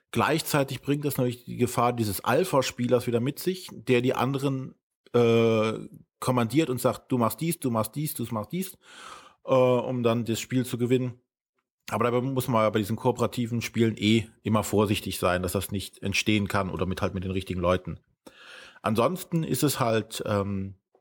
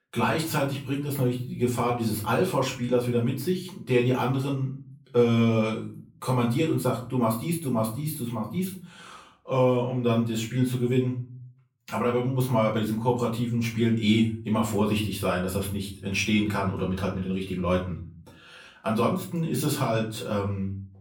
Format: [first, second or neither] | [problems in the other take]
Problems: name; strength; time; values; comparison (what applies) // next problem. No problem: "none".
first | off-mic speech; far // room echo; slight; dies away in 0.4 s